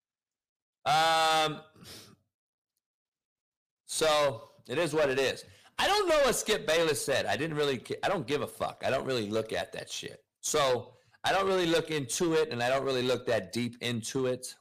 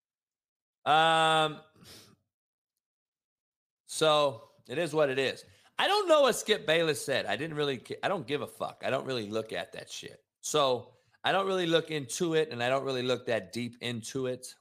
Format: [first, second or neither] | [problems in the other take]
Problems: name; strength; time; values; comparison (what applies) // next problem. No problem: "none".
second | distortion; heavy; 9% of the sound clipped